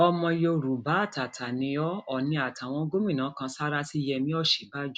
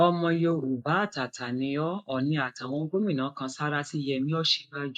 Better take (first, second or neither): first